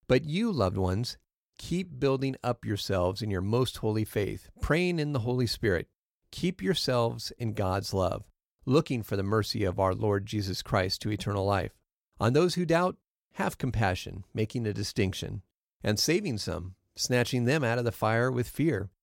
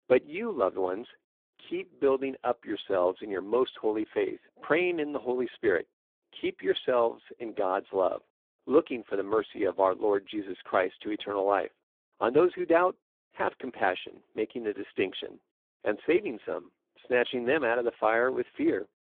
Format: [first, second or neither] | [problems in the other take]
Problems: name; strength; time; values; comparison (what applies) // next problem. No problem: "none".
first | phone-call audio; poor line; nothing above 3.5 kHz